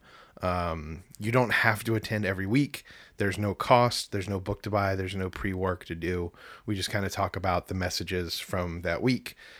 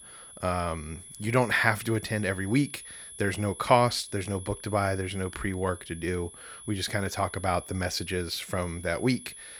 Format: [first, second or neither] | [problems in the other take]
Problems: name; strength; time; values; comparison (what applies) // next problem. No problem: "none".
first | high-pitched whine; noticeable; throughout; 10.5 kHz, 15 dB below the speech